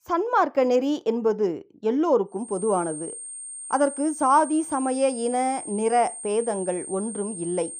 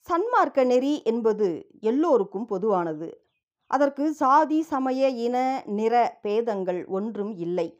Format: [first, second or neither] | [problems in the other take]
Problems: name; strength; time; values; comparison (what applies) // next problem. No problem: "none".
second | high-pitched whine; loud; from 2.5 s on; 8.5 kHz, 10 dB below the speech